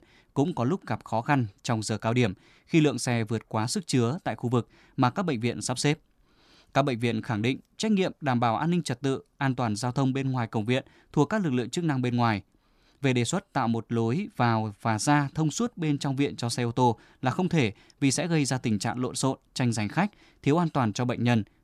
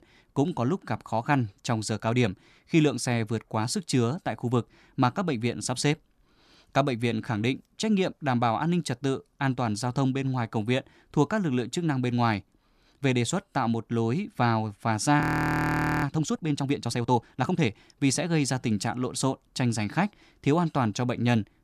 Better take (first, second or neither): first